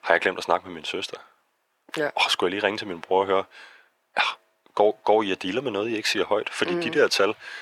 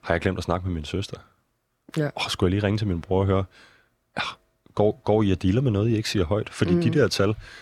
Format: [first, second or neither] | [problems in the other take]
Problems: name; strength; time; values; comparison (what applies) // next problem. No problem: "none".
second | thin; very; fading below 450 Hz